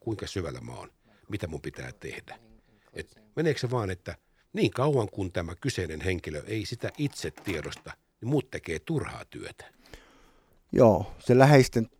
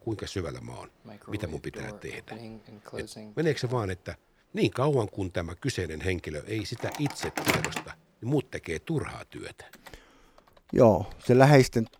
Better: first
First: household noises; faint; throughout; 25 dB below the speech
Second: household noises; loud; throughout; 9 dB below the speech

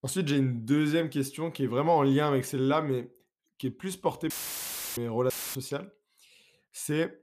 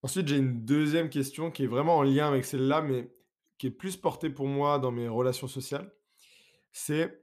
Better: second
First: audio cutting out; filled with static; at 4.5 s for 0.5 s and at 5.5 s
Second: none

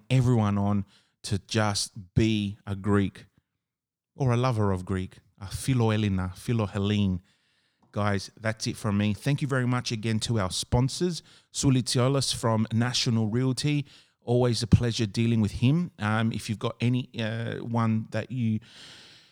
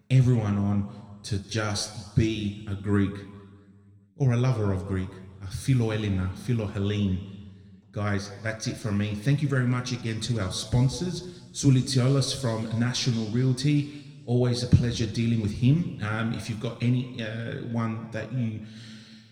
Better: first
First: none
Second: room echo; slight; dies away in 1.6 s

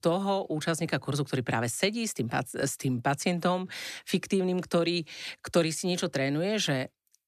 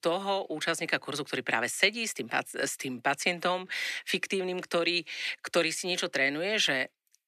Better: first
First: none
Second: thin; somewhat; fading below 300 Hz

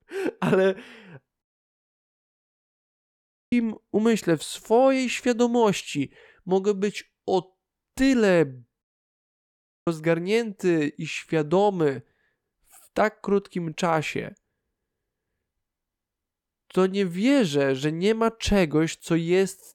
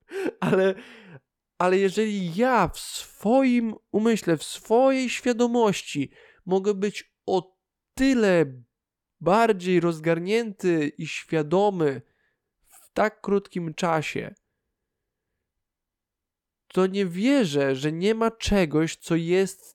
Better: second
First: audio cutting out; at 1.5 s for 2 s and at 9 s for 1 s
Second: none

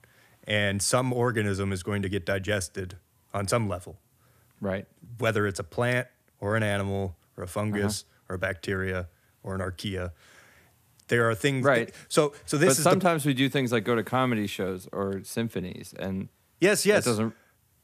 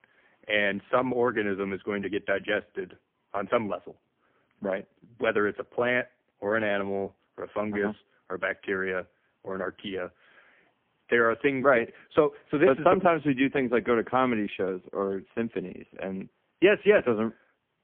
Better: first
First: none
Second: phone-call audio; poor line; nothing above 3.5 kHz

